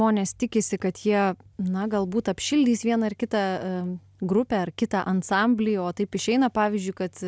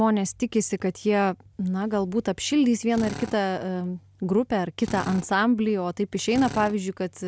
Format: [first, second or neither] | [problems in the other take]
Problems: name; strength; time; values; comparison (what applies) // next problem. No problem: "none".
first | background sound (Drill); 13 dB below the speech